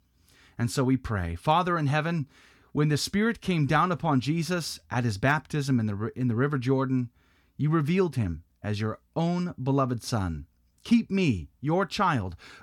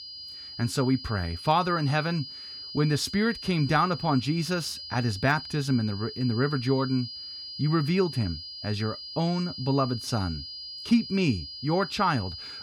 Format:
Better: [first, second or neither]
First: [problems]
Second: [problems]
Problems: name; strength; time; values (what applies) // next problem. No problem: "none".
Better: first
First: none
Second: high-pitched whine; loud; throughout; 5 kHz, 10 dB below the speech